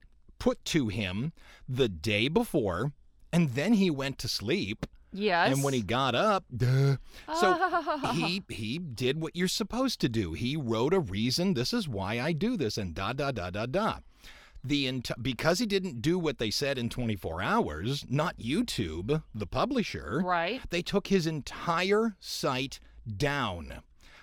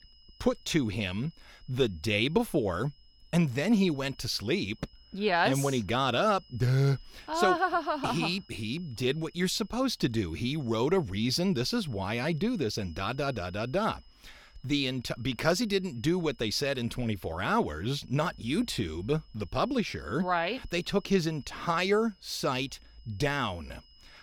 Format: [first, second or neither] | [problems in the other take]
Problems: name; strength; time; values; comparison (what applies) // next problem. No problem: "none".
first | high-pitched whine; faint; throughout; 5 kHz, 30 dB below the speech